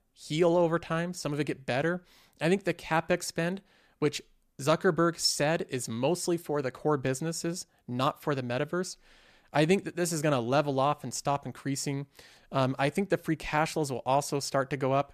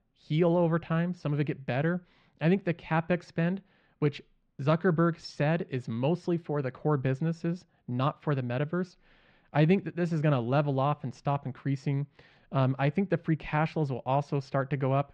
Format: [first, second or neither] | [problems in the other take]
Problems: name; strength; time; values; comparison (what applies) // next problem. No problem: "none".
first | muffled; slightly; fading above 3 kHz